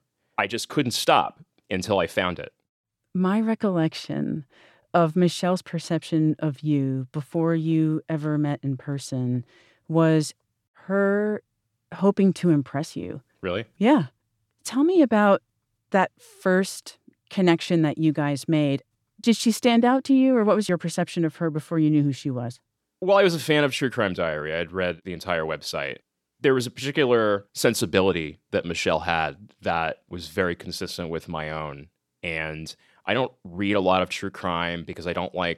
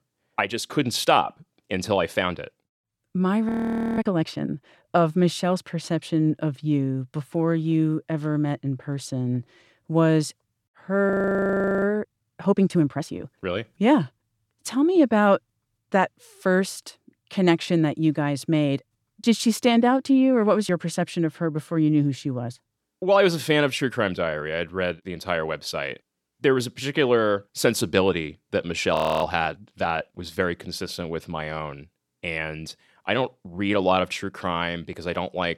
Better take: first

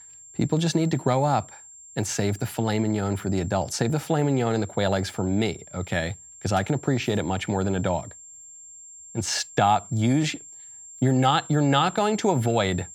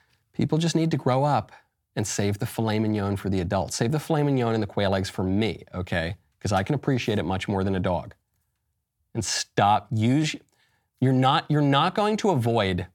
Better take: second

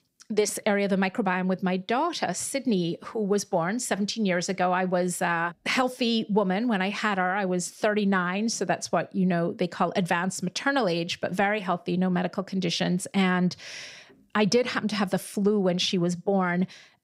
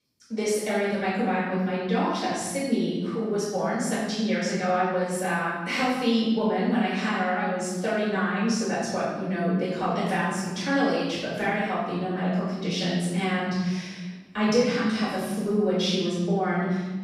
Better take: first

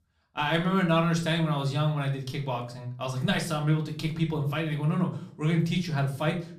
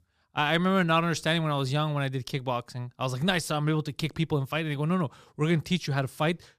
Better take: second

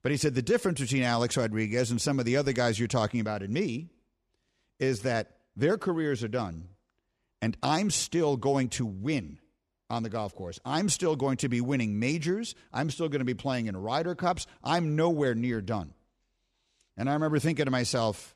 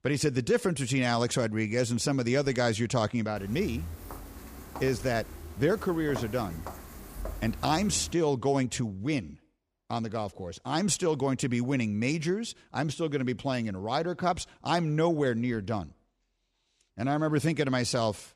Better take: first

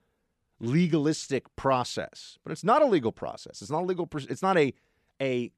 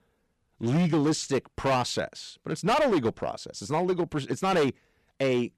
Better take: first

